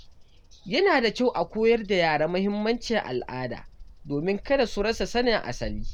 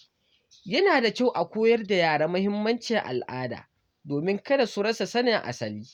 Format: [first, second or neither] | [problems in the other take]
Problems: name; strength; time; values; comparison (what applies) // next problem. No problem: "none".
second | background sound (Bird vocalization, bird call, bird song); 13 dB below the speech